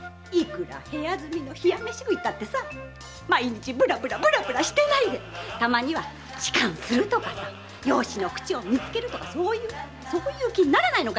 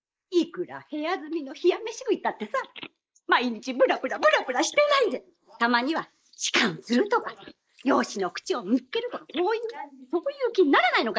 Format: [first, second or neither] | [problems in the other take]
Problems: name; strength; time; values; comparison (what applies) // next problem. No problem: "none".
first | noise reduction (neural mask model Resemble Enhance denoiser)